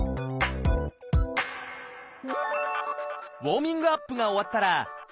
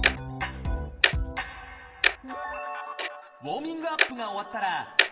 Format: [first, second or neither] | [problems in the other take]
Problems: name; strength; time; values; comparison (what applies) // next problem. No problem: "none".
first | background sound (Tick-tock); 2 dB above the speech // room echo; dies away in 2.7 s